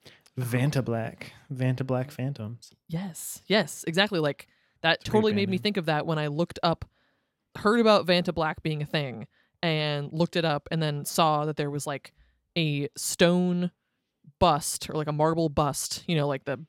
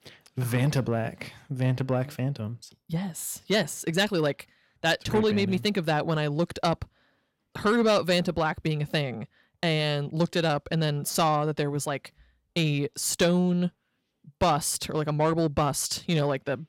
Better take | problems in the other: first | distortion; slight; 10 dB below the speech

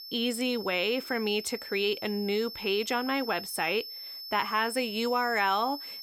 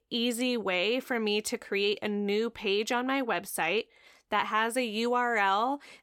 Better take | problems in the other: second | high-pitched whine; loud; throughout; 5.5 kHz, 10 dB below the speech

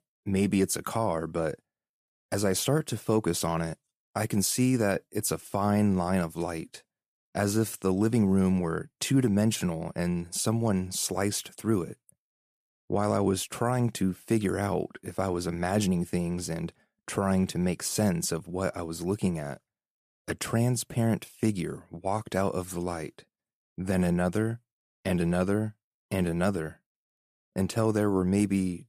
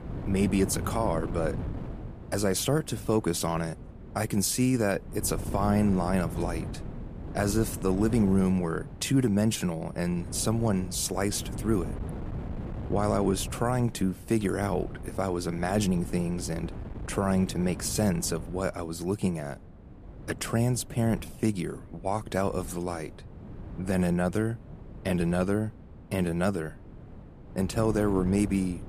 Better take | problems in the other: first | wind noise on the microphone; occasional gusts; 15 dB below the speech

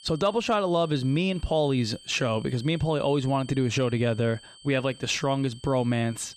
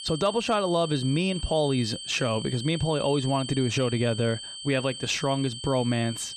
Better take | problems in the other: first | high-pitched whine; loud; throughout; 3 kHz, 9 dB below the speech; faint in the first

